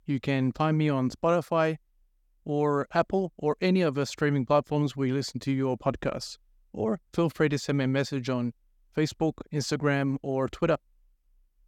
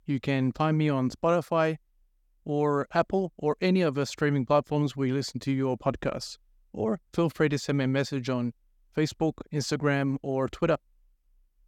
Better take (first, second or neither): neither